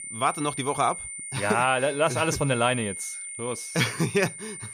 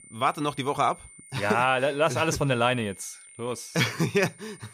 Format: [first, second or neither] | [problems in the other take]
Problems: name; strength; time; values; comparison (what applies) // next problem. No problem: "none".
second | high-pitched whine; loud; throughout; 9 kHz, 9 dB below the speech; faint in the second